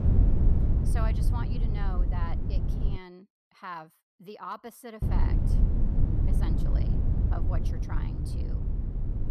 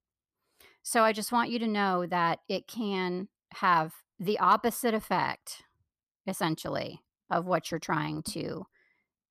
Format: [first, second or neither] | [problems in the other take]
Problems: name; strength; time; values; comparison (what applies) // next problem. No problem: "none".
second | low rumble; loud; until 3 s and from 5 s on; 1 dB below the speech